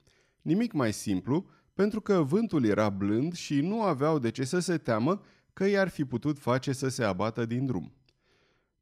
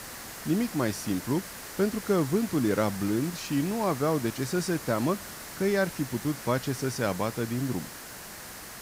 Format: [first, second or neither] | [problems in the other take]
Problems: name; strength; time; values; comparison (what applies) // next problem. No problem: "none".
first | hiss; noticeable; throughout; 10 dB below the speech